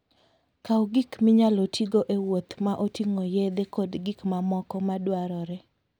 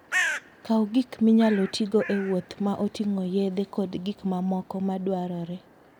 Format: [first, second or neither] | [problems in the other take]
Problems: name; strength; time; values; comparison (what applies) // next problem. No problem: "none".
first | background sound (Bird); 11 dB below the speech